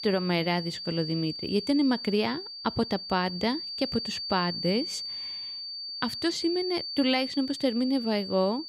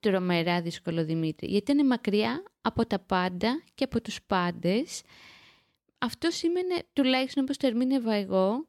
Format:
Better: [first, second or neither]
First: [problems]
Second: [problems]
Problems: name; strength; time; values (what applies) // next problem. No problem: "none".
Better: second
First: high-pitched whine; loud; throughout; 4.5 kHz, 6 dB below the speech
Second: none